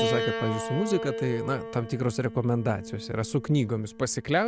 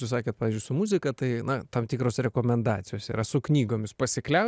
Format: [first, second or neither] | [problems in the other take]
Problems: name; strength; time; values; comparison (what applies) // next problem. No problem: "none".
second | background sound (Piano); 7 dB below the speech